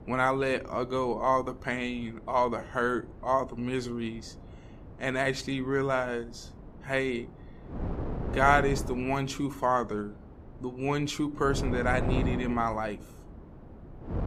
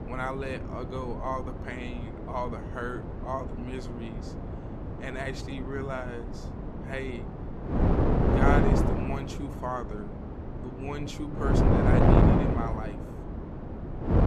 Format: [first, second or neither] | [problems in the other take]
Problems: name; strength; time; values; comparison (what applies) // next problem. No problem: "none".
first | wind noise on the microphone; heavy; 1 dB above the speech; occasional gusts in the first